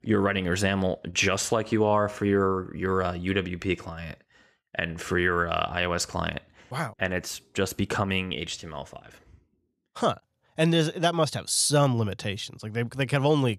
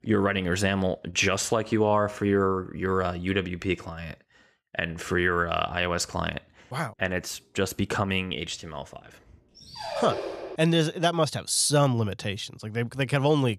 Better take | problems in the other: first | dog barking; noticeable; at 9.5 s; peak 5 dB below the speech

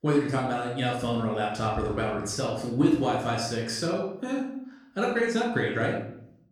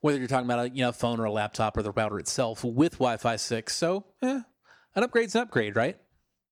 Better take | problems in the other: second | off-mic speech; far // room echo; noticeable; dies away in 0.6 s

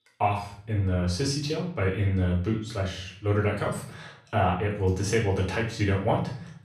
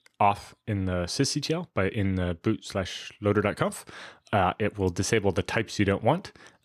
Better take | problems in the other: second | off-mic speech; far // room echo; noticeable; dies away in 0.5 s

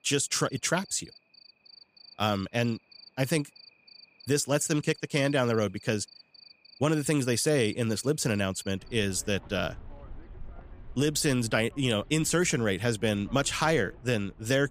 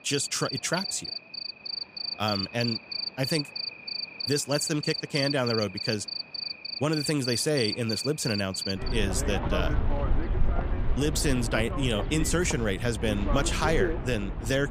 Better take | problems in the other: first | animal sounds; loud; throughout; 3 dB below the speech; faint in the first

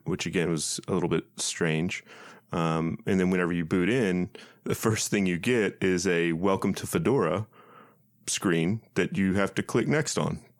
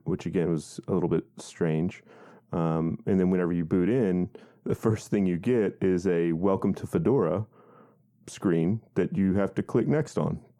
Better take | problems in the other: first | muffled; slightly; fading above 1.5 kHz

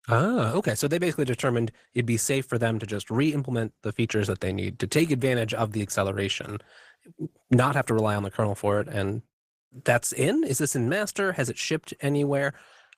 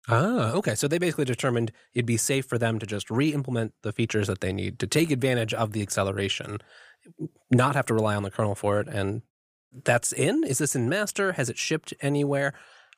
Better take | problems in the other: second | garbled, watery; slightly; nothing above 15 kHz

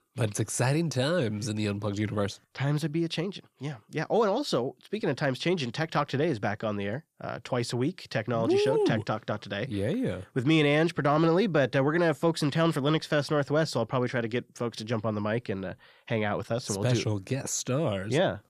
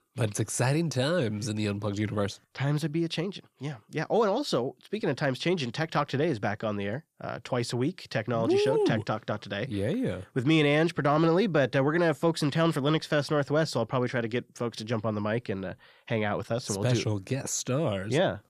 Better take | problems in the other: neither | none

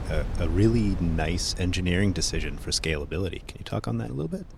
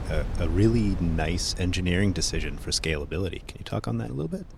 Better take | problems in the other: neither | wind noise on the microphone; occasional gusts; 15 dB below the speech; the same in both

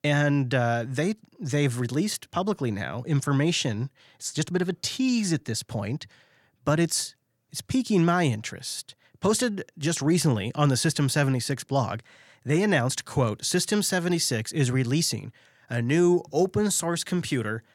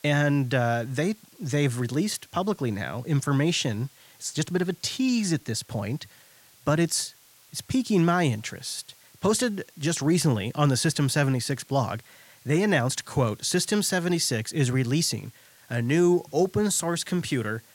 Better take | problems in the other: first | hiss; faint; throughout; 25 dB below the speech

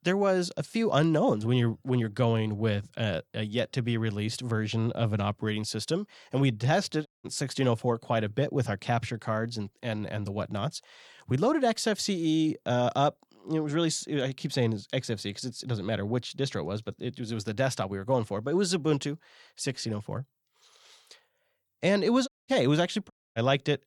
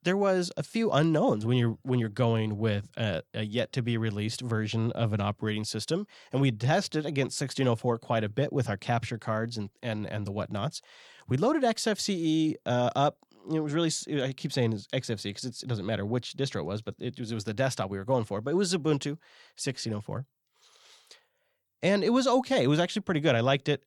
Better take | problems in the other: second | audio cutting out; at 7 s, at 22 s and at 23 s

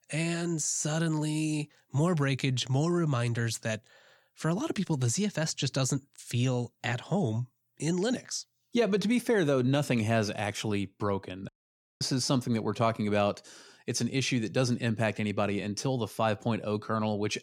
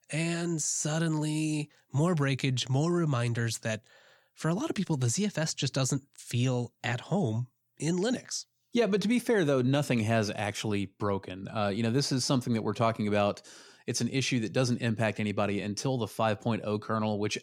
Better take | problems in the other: second | audio cutting out; at 11 s for 0.5 s

